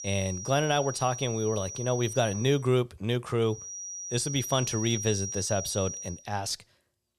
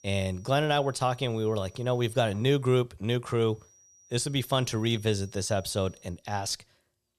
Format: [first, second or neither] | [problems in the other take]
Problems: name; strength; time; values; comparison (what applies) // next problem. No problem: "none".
second | high-pitched whine; loud; until 2.5 s and from 3.5 to 6 s; 5.5 kHz, 7 dB below the speech; faint in the second